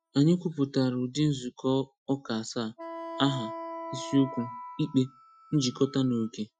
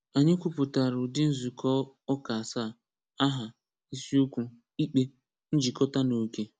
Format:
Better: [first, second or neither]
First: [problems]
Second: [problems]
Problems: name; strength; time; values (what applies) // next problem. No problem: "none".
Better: second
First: noise reduction (classical method Wiener filter)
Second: none